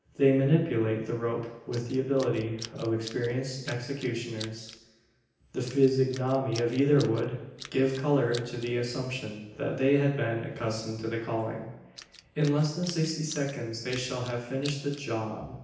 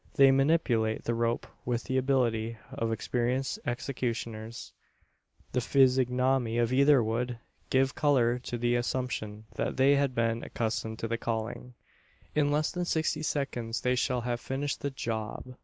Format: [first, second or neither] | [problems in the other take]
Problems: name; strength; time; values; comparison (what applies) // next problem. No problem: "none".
second | background sound (Tools); 18 dB below the speech // room echo; dies away in 0.9 s